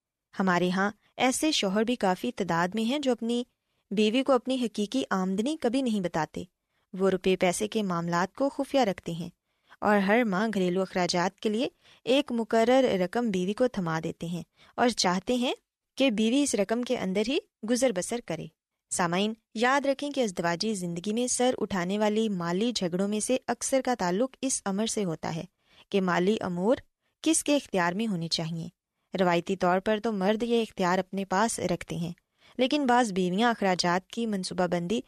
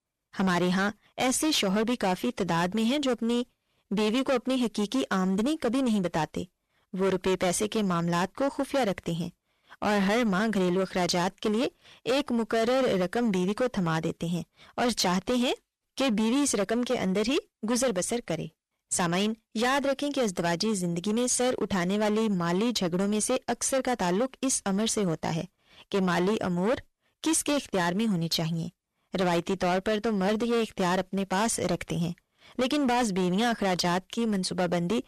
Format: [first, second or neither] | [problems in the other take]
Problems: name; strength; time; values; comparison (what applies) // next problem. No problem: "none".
first | distortion; heavy; 17% of the sound clipped